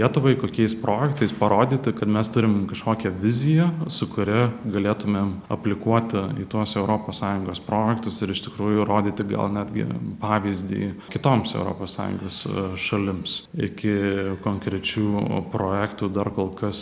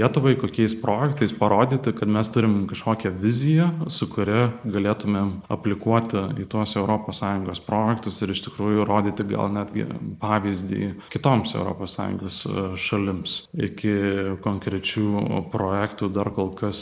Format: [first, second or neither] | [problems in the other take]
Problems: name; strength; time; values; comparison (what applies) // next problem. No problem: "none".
first | noise reduction (neural mask model Resemble Enhance denoiser)